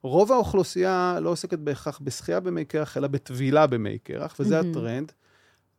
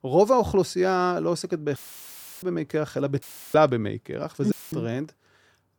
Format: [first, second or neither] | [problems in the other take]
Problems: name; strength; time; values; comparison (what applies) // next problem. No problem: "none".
first | audio cutting out; filled with static; at 2 s for 0.5 s, at 3 s and at 4.5 s